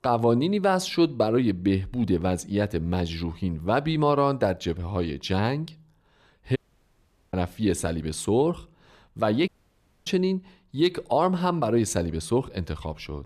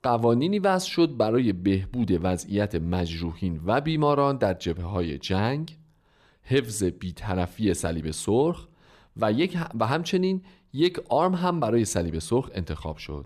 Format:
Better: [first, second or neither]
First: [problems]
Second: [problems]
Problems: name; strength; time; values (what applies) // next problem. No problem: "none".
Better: second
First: audio cutting out; at 6.5 s for 1 s and at 9.5 s for 0.5 s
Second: none